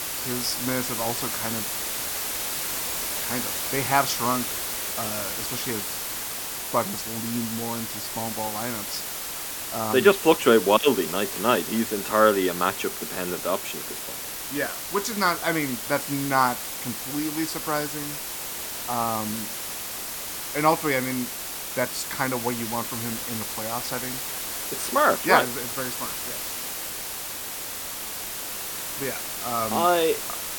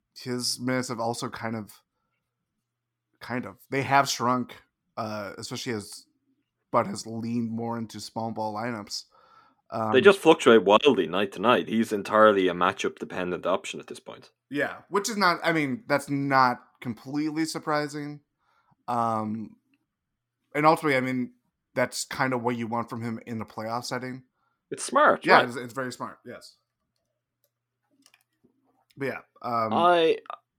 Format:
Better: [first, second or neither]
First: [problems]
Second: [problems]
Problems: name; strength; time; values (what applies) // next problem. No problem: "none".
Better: second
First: hiss; loud; throughout; 3 dB below the speech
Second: none